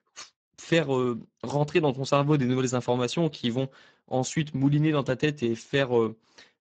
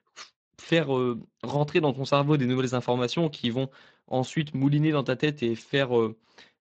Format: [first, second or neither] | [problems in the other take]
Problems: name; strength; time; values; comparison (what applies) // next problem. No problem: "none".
second | garbled, watery; badly; nothing above 7.5 kHz; slightly in the second